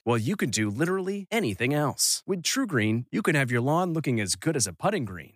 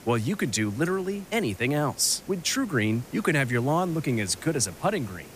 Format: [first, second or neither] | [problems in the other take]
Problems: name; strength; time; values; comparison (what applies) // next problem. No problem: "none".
first | hiss; faint; throughout; 20 dB below the speech